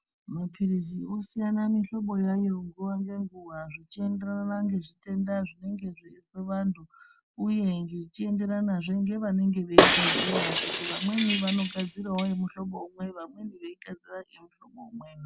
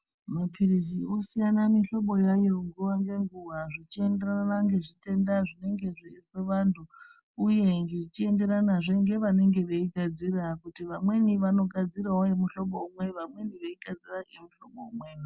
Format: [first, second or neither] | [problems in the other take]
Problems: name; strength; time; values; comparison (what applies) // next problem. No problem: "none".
second | background sound (Shatter); 4 dB above the speech